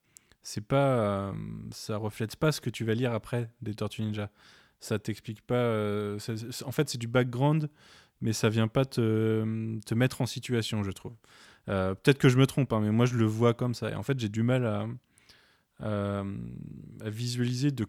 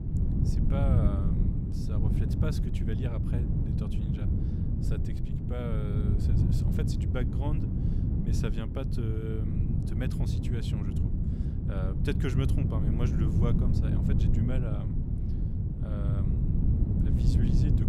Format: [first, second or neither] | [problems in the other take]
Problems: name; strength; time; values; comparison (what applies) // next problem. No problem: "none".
first | wind noise on the microphone; heavy; 1 dB above the speech